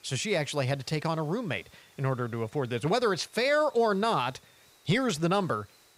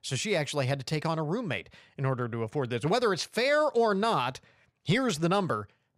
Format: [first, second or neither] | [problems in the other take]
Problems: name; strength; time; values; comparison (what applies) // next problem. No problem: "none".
second | hiss; faint; throughout; 30 dB below the speech